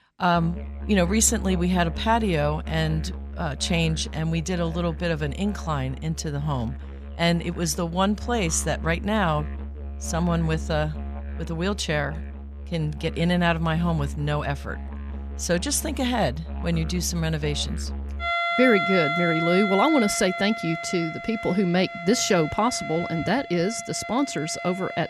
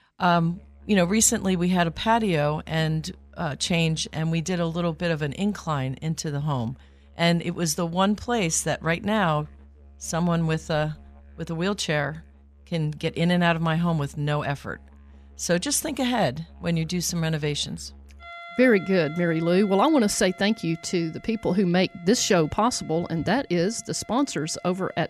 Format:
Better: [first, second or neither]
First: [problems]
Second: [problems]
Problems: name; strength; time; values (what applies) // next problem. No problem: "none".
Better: second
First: background music; loud; throughout; 7 dB below the speech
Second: background music; faint; throughout; 25 dB below the speech